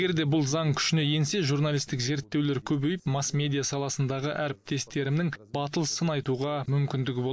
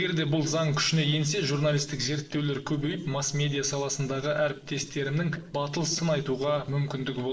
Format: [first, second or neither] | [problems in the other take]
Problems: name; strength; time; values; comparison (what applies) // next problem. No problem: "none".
first | noise reduction (neural separator model SepFormer DNS4)